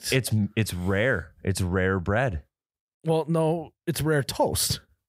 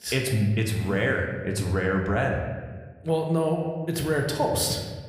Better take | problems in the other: first | room echo; slight; dies away in 1.2 s // off-mic speech; somewhat distant

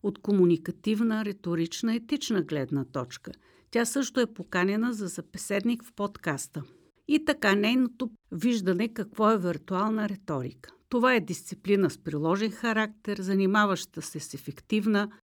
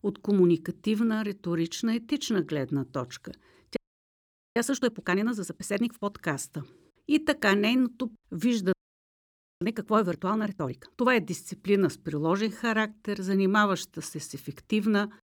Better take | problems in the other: first | audio freezing; at 4 s for 1 s and at 8.5 s for 1 s

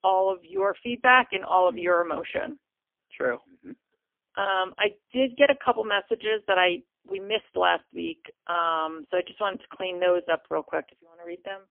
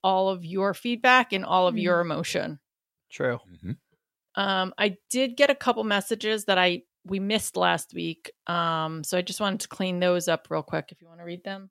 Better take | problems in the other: second | phone-call audio; poor line; nothing above 3 kHz

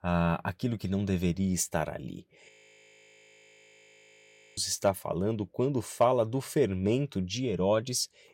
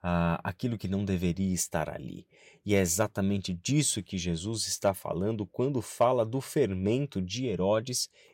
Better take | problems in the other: second | audio freezing; at 2.5 s for 2 s

